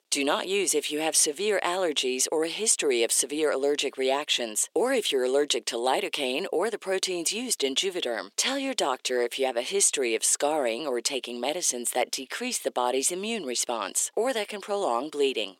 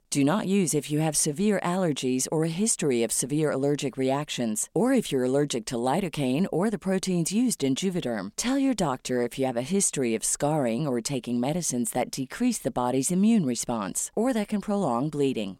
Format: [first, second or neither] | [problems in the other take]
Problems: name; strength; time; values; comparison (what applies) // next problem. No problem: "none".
second | thin; somewhat; fading below 350 Hz